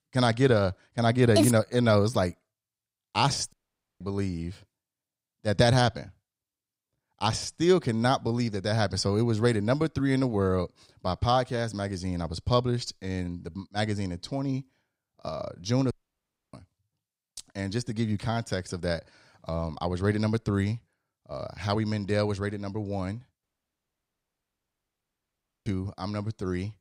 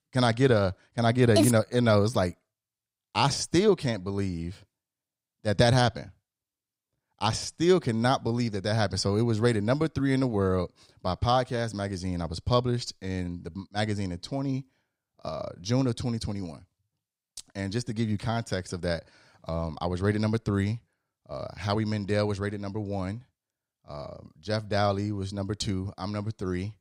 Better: second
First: audio cutting out; at 3.5 s, at 16 s for 0.5 s and at 23 s for 2 s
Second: none

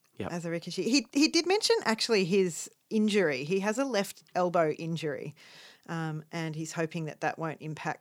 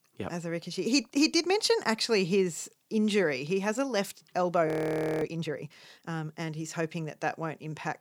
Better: first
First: none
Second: audio freezing; at 4.5 s for 0.5 s

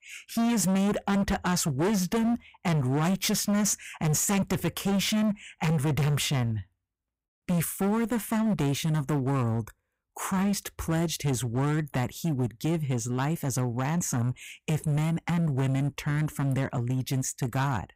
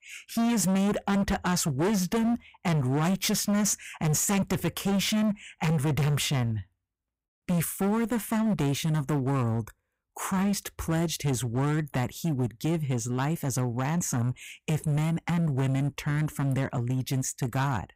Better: neither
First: distortion; heavy; 21% of the sound clipped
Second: distortion; heavy; 21% of the sound clipped

